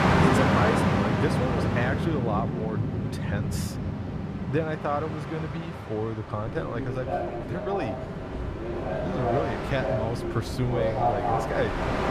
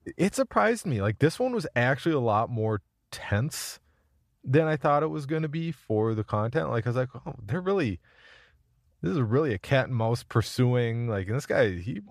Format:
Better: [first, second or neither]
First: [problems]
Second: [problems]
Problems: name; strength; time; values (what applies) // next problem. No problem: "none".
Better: second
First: train or aircraft noise; very loud; throughout; 3 dB above the speech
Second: none